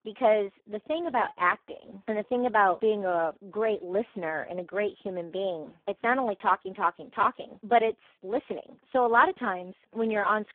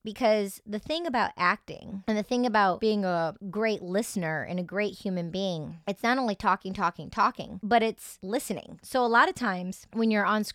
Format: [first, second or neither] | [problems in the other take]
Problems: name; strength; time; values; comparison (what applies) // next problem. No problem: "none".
second | phone-call audio; poor line